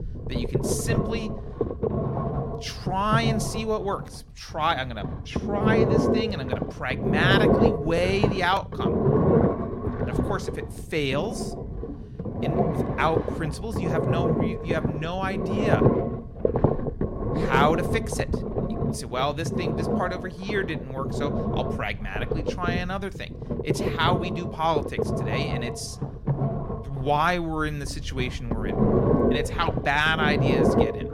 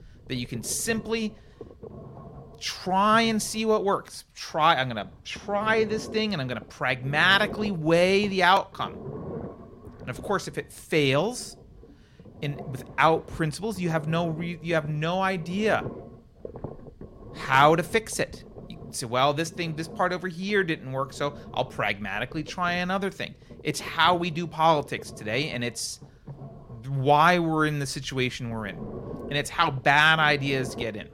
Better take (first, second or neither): second